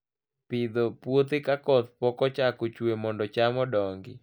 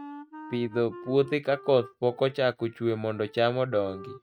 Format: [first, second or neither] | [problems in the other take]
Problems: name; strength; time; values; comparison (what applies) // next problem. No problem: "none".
first | noise reduction (neural mask model RNNoise)